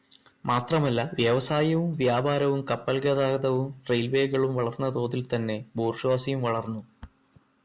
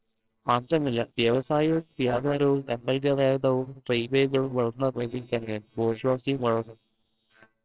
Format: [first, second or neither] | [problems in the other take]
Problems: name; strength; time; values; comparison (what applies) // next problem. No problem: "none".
first | noise reduction (neural separator model SepFormer WHAMR!)